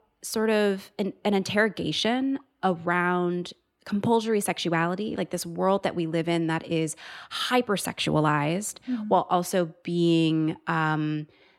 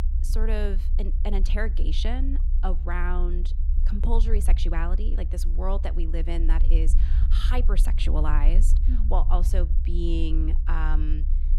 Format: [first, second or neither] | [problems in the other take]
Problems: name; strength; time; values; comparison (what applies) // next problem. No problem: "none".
first | low rumble; noticeable; throughout; 10 dB below the speech